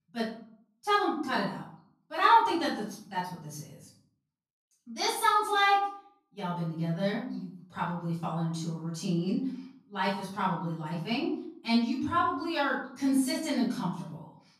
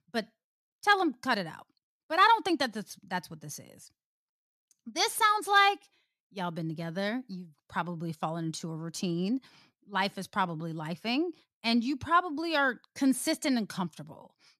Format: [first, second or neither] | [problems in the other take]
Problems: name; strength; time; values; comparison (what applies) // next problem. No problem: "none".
second | off-mic speech; far // room echo; noticeable; dies away in 0.5 s